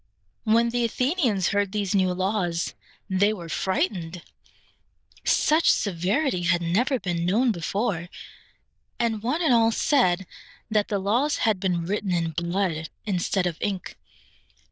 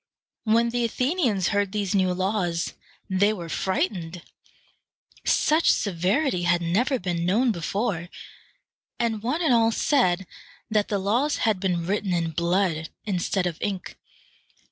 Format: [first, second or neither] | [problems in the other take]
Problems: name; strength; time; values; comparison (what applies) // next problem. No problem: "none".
second | noise reduction (neural diffusion model UNIVERSE++)